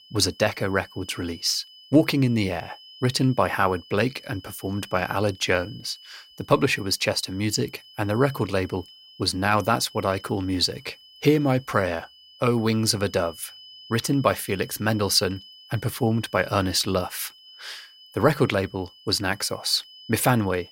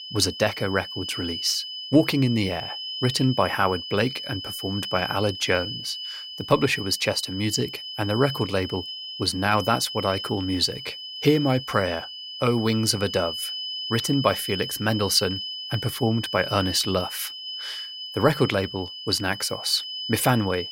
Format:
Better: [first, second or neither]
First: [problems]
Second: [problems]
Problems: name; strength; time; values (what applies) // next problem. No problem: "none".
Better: first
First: high-pitched whine; faint; throughout; 3 kHz, 20 dB below the speech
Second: high-pitched whine; loud; throughout; 3 kHz, 7 dB below the speech